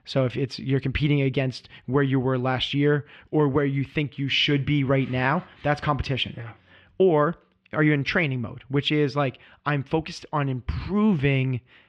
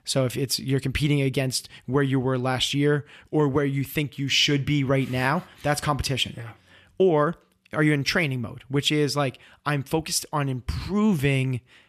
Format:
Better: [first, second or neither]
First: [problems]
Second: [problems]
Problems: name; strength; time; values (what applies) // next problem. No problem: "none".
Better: second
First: muffled; slightly; fading above 3.5 kHz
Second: none